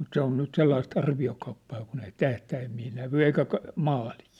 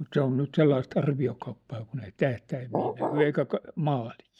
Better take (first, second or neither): first